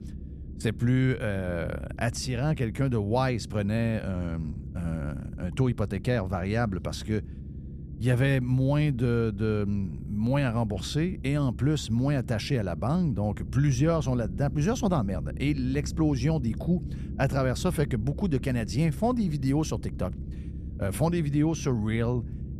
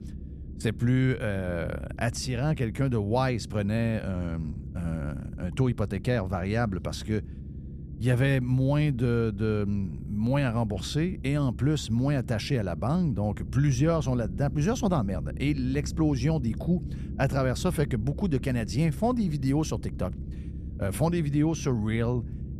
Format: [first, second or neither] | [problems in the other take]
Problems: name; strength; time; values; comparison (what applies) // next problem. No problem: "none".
neither | low rumble; noticeable; throughout; 15 dB below the speech; the same in both